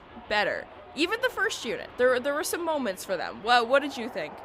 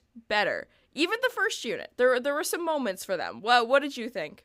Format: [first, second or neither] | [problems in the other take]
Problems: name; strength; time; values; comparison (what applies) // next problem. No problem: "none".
second | train or aircraft noise; noticeable; throughout; 20 dB below the speech